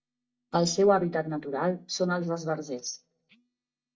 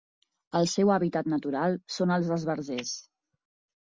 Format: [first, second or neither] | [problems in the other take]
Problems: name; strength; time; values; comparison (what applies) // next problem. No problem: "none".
second | noise reduction (neural mask model DeepFilterNet 3)